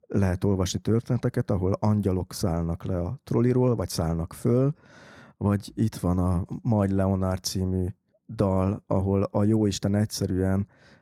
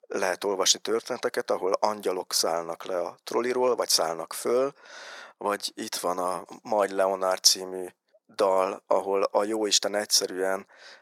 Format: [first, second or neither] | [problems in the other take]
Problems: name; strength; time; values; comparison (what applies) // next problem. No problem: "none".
first | thin; very; fading below 500 Hz